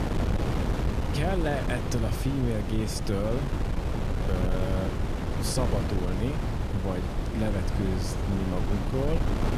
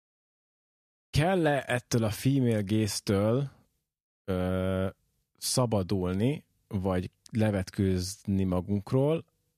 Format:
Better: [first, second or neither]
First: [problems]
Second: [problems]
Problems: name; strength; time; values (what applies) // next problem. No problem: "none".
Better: second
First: wind noise on the microphone; heavy; 1 dB below the speech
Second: none